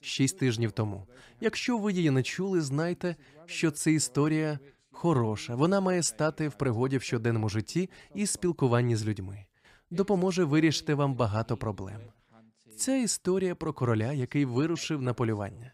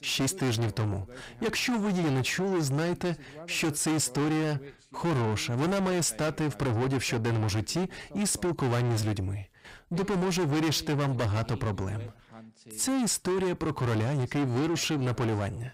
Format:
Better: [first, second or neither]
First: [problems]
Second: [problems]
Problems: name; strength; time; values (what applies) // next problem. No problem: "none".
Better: first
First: none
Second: distortion; heavy; 6 dB below the speech